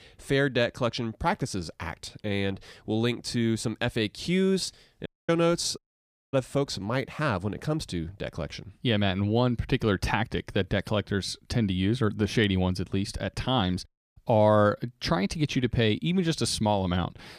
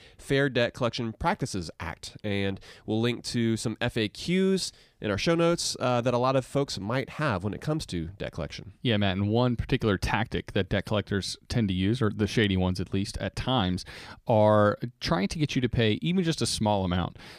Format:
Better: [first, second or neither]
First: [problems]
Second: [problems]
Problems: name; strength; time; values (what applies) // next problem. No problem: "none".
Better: second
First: audio cutting out; at 5 s, at 6 s for 0.5 s and at 14 s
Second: none